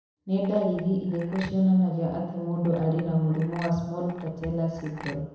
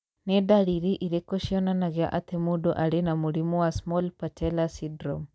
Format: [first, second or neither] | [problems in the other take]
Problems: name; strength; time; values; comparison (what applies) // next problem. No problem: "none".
second | background sound (Chink, clink); 19 dB below the speech // room echo; dies away in 1 s